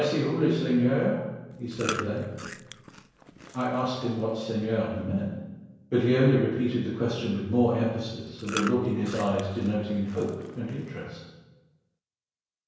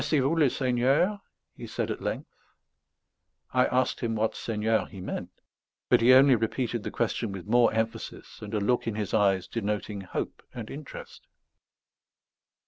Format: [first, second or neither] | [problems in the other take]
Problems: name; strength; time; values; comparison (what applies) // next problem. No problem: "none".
second | background sound (Chewing, mastication); 13 dB below the speech // room echo; dies away in 1 s